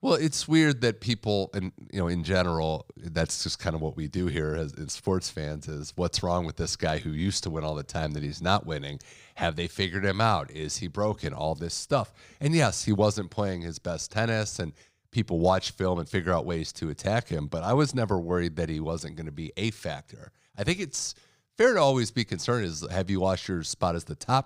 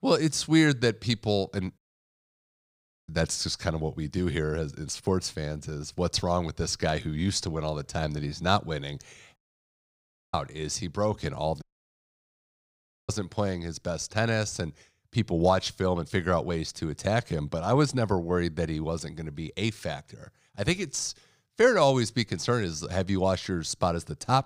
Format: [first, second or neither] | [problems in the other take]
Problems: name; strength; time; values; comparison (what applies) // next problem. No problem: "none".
first | audio cutting out; at 2 s for 1.5 s, at 9.5 s for 1 s and at 12 s for 1.5 s